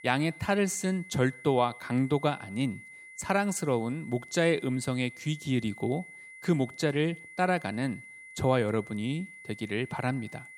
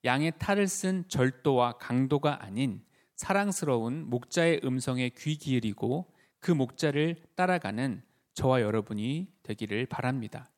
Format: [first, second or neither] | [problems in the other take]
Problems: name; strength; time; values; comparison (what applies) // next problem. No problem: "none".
second | high-pitched whine; noticeable; throughout; 2 kHz, 15 dB below the speech